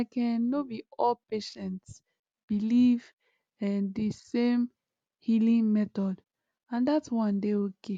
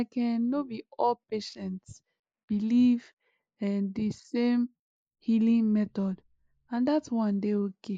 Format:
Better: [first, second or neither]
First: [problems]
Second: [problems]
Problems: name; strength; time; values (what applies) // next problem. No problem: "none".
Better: first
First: none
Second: noise reduction (neural mask model Resemble Enhance denoiser)